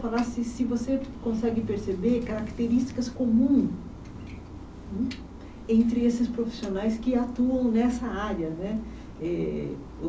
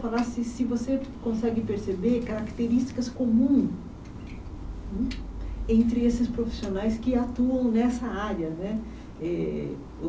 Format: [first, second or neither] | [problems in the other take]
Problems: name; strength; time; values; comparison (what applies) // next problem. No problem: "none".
first | background sound (Thunder / Wind); 10 dB below the speech